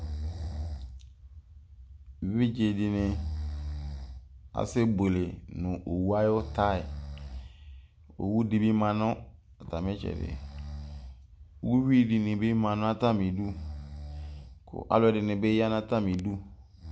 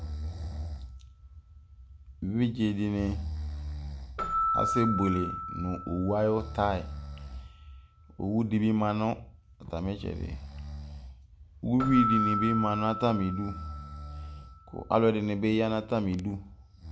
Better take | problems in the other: first | background sound (Keyboard (musical)); 7 dB below the speech

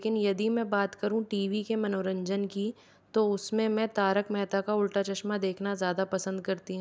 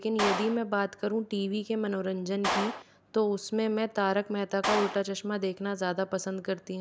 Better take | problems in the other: first | background sound (Clapping); 7 dB below the speech

